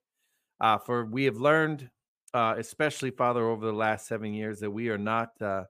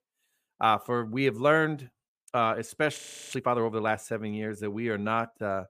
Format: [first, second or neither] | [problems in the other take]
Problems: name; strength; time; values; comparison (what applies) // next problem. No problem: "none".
first | audio freezing; at 3 s